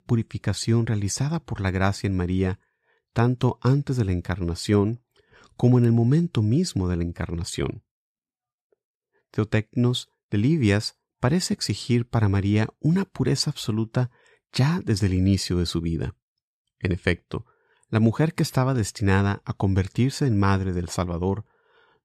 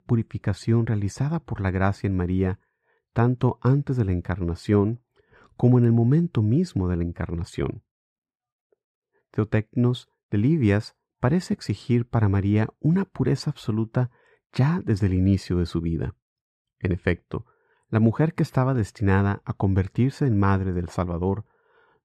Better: first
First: none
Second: muffled; slightly; fading above 3 kHz

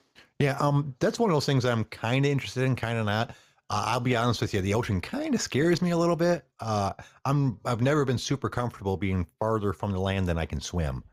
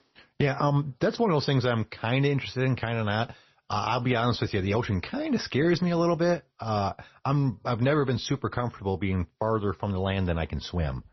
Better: first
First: none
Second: garbled, watery; slightly; nothing above 6 kHz

